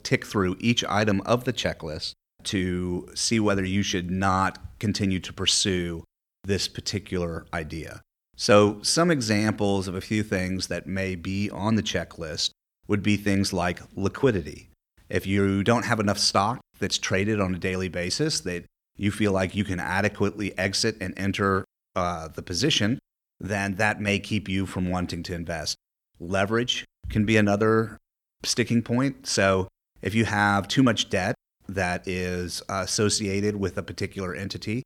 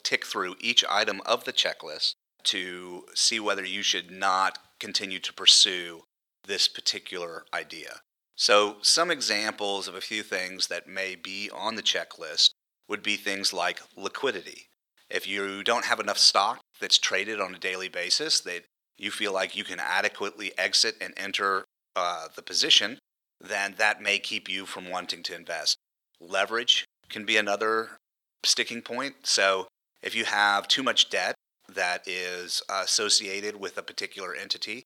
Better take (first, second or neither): first